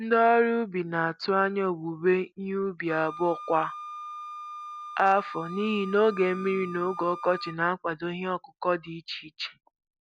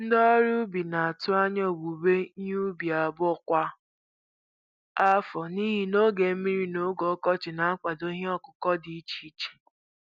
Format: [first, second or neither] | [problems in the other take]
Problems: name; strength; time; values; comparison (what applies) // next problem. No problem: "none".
second | background sound (Wind instrument, woodwind instrument); 15 dB below the speech